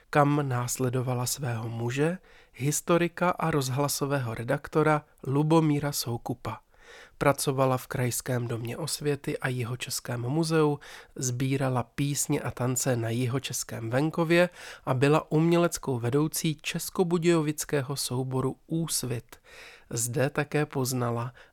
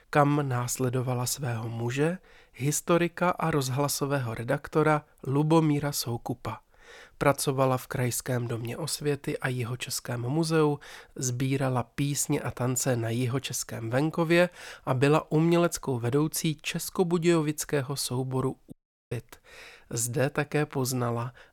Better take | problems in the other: first | audio cutting out; at 19 s

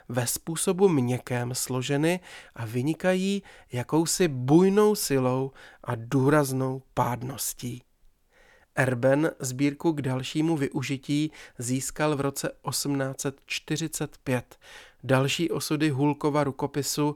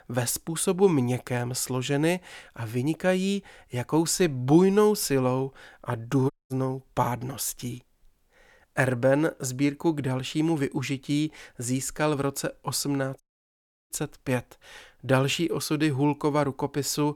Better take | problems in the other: first | audio cutting out; at 6.5 s and at 13 s for 0.5 s

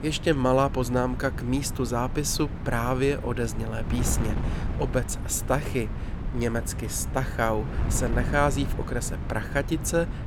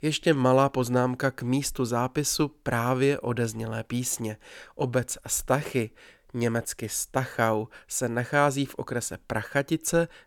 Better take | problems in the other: second | wind noise on the microphone; occasional gusts; 10 dB below the speech

